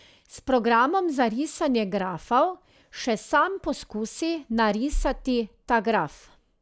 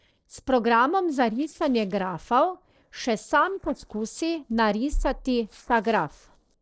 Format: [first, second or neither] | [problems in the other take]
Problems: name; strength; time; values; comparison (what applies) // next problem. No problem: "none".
first | noise reduction (neural separator model SepFormer DNS4)